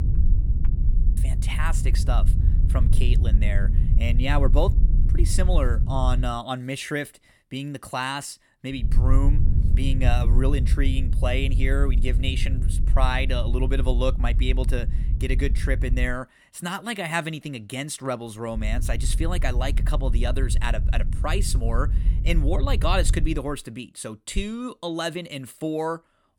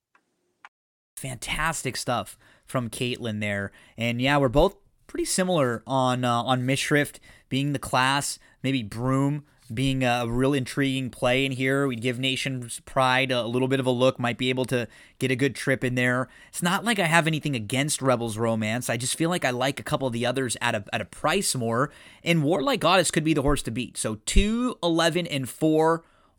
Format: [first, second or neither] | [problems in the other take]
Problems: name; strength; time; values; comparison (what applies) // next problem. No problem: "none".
second | low rumble; noticeable; until 6.5 s, from 9 to 16 s and from 19 to 23 s; 10 dB below the speech